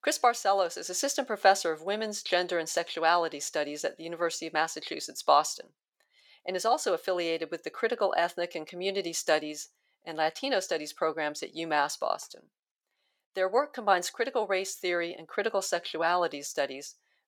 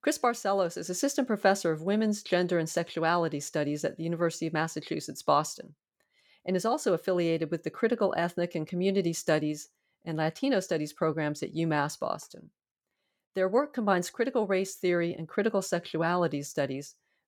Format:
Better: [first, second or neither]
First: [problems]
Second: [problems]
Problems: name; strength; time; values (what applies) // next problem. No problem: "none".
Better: second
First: thin; somewhat; fading below 500 Hz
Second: none